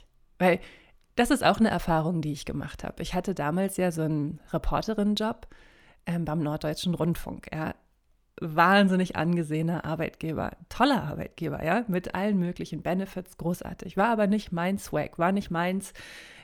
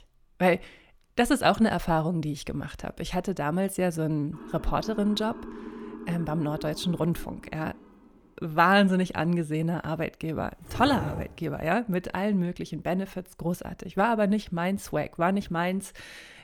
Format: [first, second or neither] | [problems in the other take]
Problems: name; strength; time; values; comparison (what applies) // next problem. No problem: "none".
first | siren; faint; from 4.5 to 8.5 s; peak 10 dB below the speech // dog barking; noticeable; from 11 to 12 s; peak 6 dB below the speech